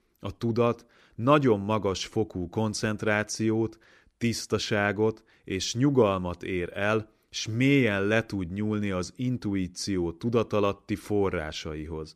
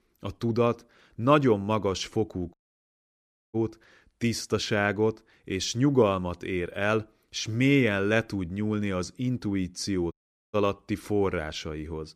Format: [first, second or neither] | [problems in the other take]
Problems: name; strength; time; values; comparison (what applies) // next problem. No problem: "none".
first | audio cutting out; at 2.5 s for 1 s and at 10 s